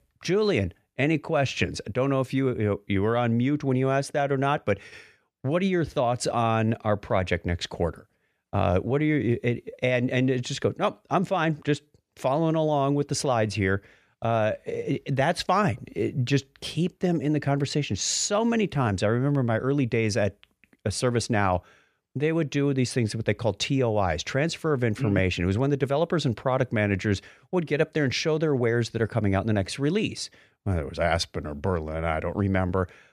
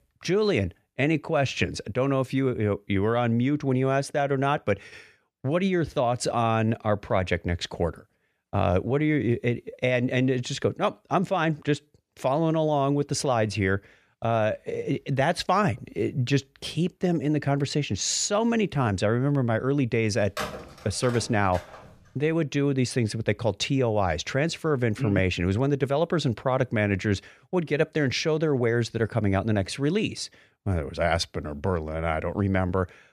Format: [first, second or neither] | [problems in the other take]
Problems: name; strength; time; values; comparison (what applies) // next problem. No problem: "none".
first | phone ringing; noticeable; from 20 to 22 s; peak 7 dB below the speech